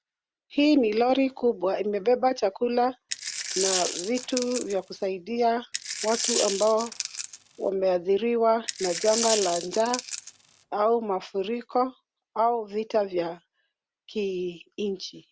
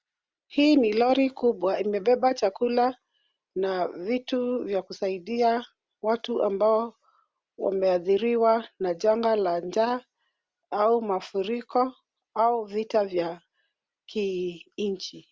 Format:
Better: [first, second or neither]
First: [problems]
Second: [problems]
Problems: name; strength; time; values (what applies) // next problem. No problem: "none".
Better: second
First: background sound (Coin (dropping)); 7 dB below the speech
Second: none